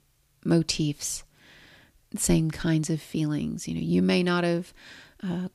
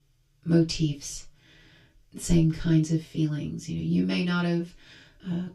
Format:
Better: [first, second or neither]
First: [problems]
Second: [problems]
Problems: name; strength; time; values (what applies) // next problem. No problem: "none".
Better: first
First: none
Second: room echo; very slight; dies away in 0.1 s // off-mic speech; far